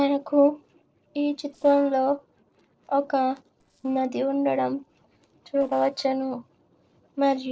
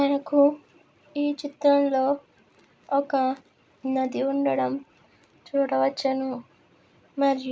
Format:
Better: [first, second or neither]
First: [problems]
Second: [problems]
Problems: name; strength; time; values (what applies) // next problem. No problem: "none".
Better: second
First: noise reduction (neural separator model SepFormer DNS4)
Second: none